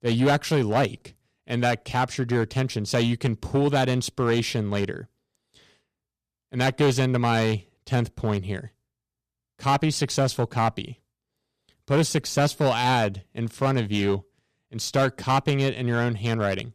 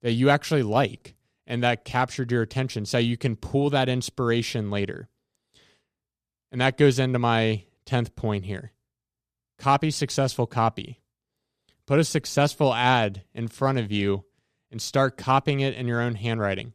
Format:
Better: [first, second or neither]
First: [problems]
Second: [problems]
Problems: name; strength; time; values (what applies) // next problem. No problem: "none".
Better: second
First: distortion; slight; 5% of the sound clipped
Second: none